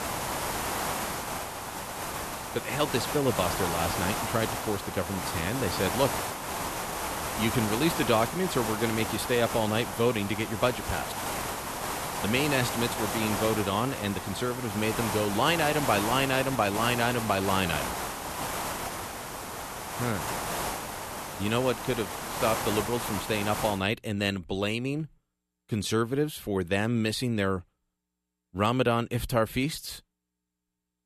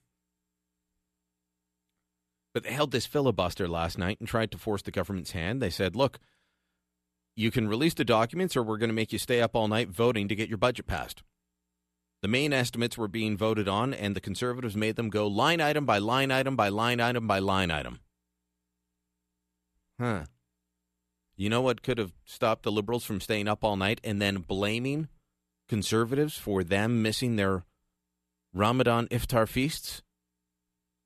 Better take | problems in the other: second | hiss; loud; until 24 s; 4 dB below the speech

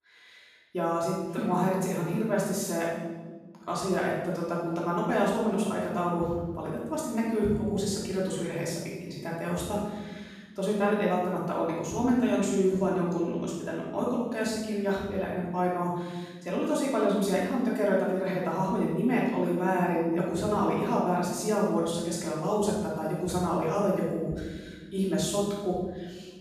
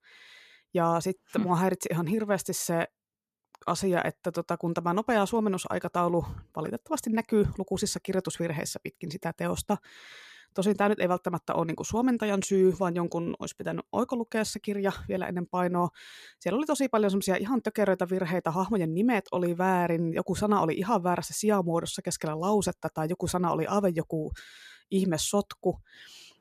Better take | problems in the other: second | off-mic speech; far // room echo; strong; dies away in 1.1 s

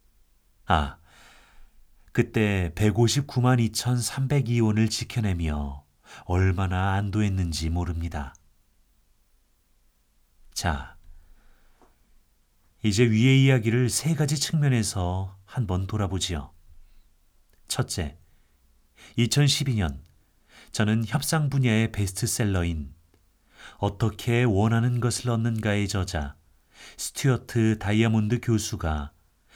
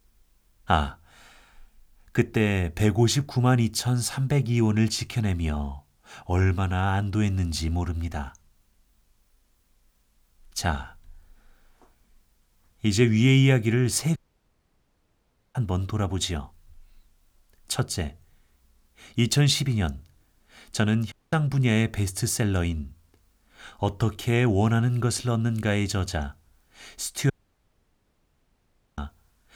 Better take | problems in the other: first | audio cutting out; at 14 s for 1.5 s, at 21 s and at 27 s for 1.5 s

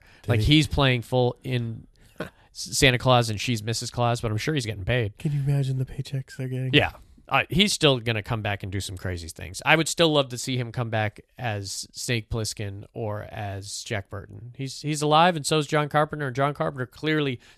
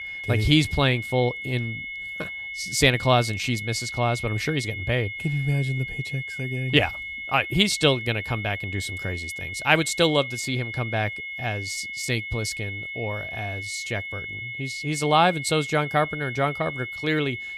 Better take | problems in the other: first | high-pitched whine; loud; throughout; 2 kHz, 7 dB below the speech

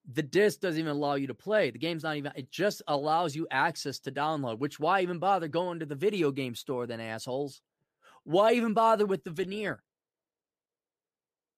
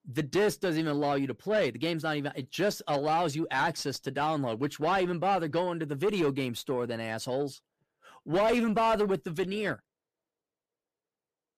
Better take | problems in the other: first | distortion; slight; 10 dB below the speech

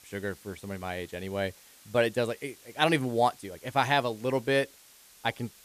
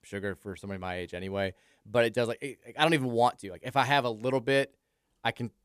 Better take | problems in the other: second | hiss; faint; throughout; 25 dB below the speech

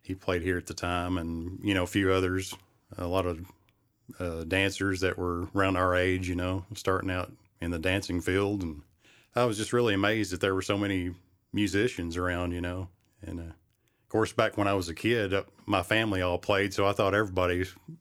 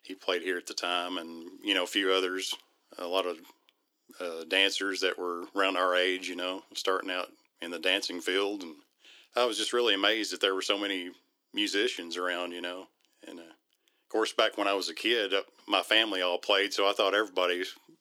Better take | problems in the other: first | thin; somewhat; fading below 350 Hz

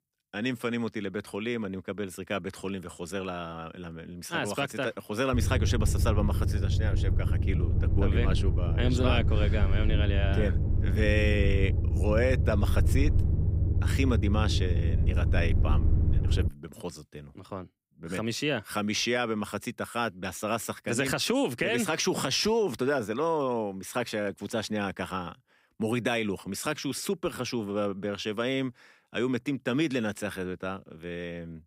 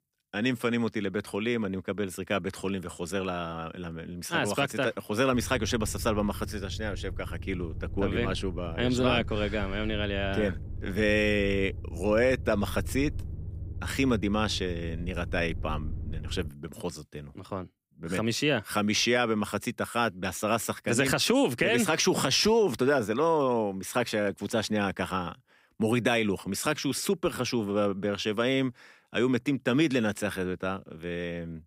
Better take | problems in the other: second | low rumble; loud; from 5.5 to 16 s; 10 dB below the speech; faint in the second

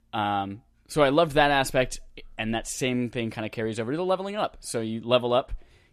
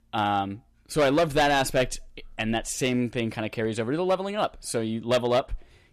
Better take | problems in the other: first | distortion; slight; 4% of the sound clipped

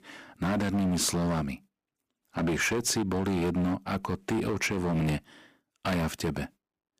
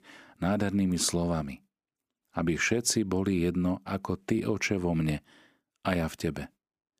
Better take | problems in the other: second | distortion; heavy; 16% of the sound clipped

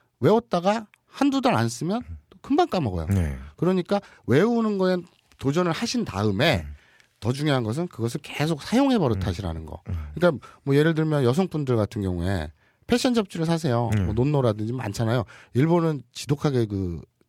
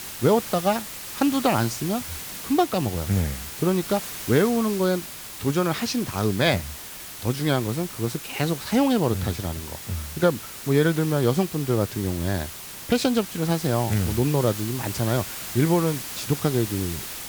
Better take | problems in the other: first | hiss; loud; throughout; 9 dB below the speech

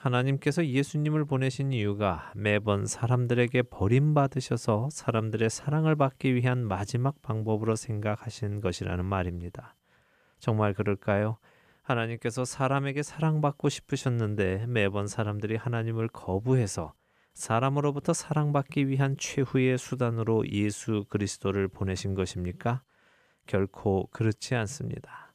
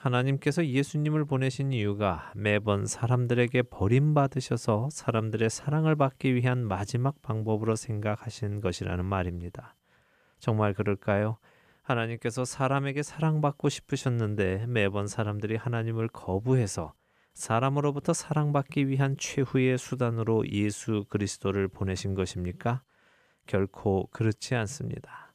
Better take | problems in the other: neither | none

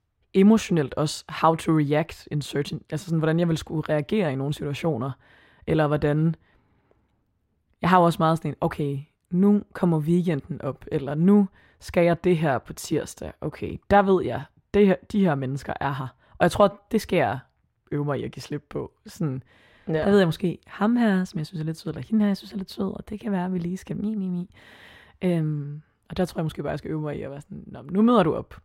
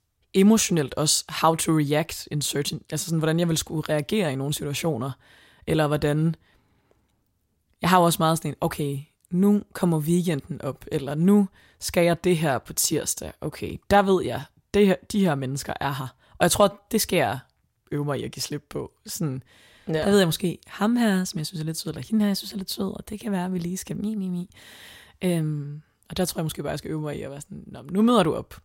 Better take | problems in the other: second | muffled; slightly; fading above 3.5 kHz

